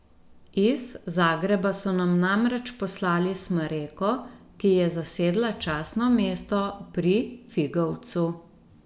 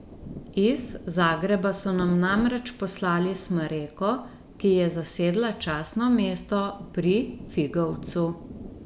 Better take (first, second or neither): first